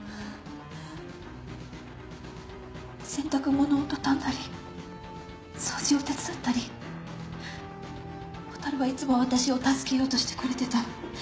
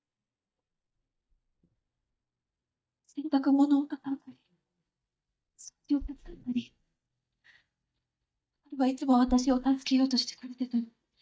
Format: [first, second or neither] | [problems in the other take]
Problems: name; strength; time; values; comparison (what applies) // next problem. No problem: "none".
first | noise reduction (neural mask model DeepFilterNet 3)